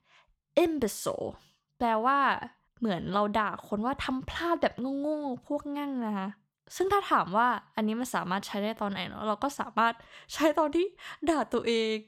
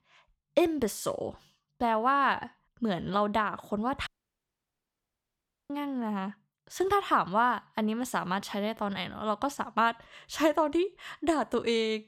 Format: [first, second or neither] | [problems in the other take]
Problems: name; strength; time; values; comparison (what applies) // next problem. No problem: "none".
first | audio cutting out; at 4 s for 1.5 s